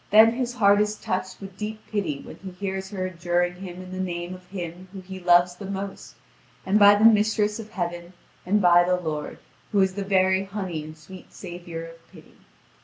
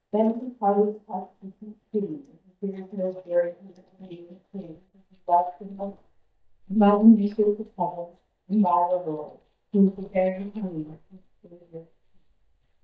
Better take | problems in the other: first | noise reduction (neural mask model DeepFilterNet 3)

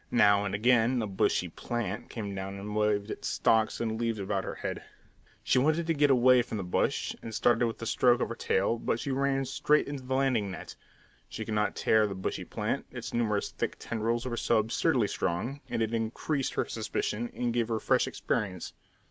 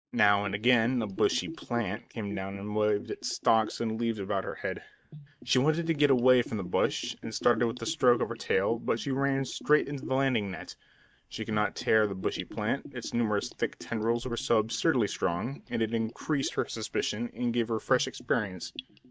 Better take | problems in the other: first | noise reduction (neural mask model DeepFilterNet 3)

